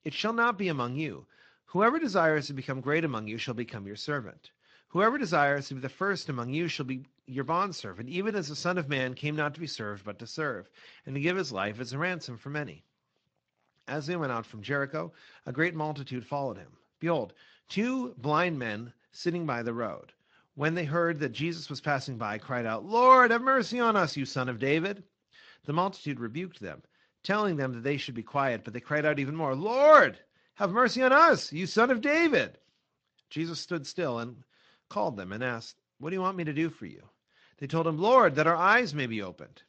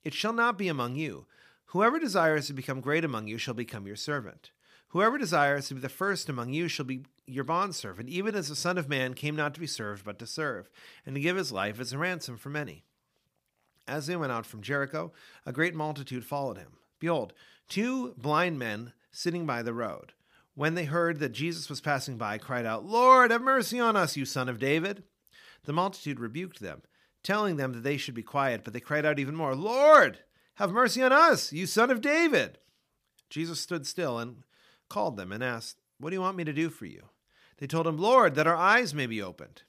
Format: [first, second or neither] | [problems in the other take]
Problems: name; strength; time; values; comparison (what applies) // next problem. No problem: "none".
second | garbled, watery; slightly